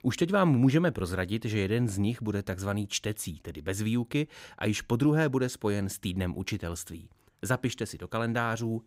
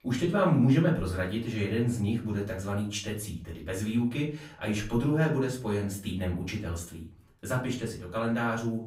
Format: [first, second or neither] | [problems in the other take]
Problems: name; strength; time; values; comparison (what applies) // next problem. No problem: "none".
first | room echo; slight; dies away in 0.4 s // off-mic speech; far